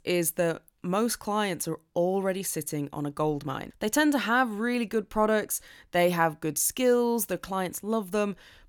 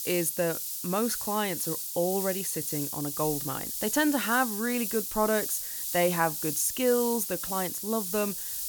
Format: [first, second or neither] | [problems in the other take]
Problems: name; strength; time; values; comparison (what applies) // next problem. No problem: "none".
first | hiss; loud; throughout; 2 dB below the speech